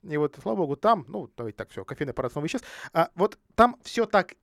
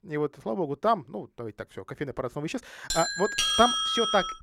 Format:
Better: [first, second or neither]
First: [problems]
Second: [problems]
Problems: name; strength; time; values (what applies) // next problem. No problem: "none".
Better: first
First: none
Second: doorbell; loud; from 3 s on; peak 6 dB above the speech